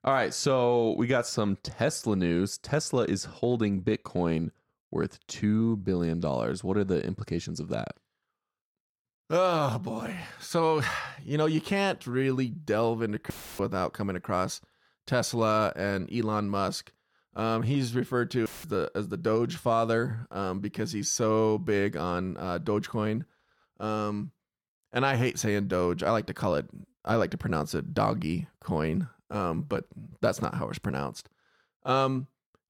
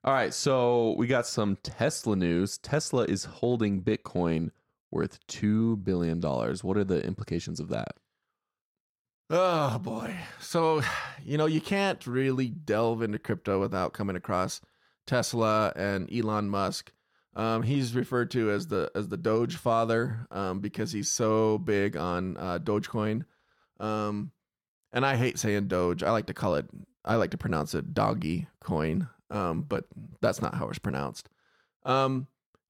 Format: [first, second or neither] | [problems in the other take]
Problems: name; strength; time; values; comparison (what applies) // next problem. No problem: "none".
second | audio cutting out; filled with static; at 13 s and at 18 s